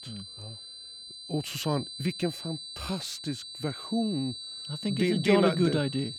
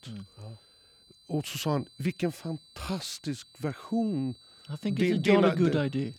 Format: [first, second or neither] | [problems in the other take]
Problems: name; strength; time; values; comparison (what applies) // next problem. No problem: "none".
second | high-pitched whine; loud; throughout; 4 kHz, 9 dB below the speech; faint in the second